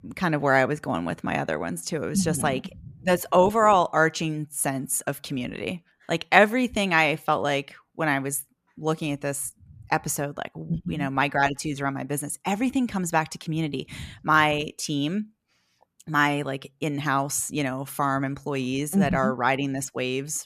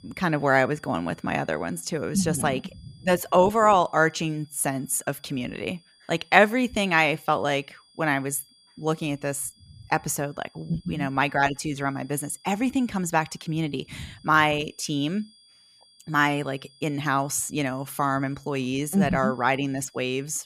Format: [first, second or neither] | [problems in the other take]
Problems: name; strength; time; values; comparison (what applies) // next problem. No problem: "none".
first | high-pitched whine; faint; throughout; 5 kHz, 30 dB below the speech